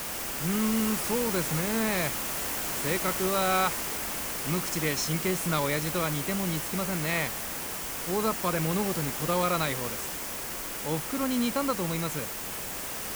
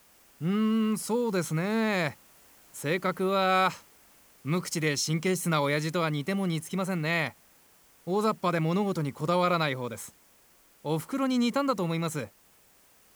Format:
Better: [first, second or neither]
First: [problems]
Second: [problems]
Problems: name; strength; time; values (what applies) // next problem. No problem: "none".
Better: second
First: hiss; loud; throughout; 1 dB below the speech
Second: hiss; faint; throughout; 30 dB below the speech